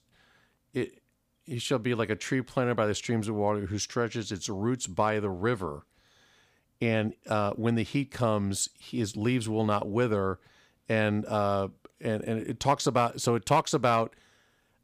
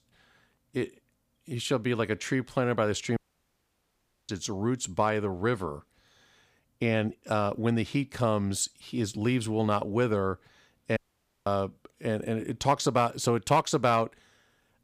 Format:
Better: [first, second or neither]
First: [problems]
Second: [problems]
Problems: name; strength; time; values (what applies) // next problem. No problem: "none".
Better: first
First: none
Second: audio cutting out; at 3 s for 1 s and at 11 s